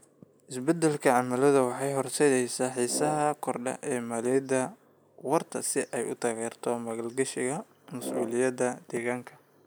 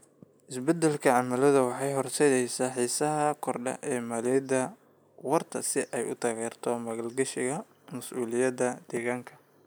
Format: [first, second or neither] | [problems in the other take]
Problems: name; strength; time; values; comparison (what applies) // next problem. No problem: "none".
second | background sound (Brass instrument); 11 dB below the speech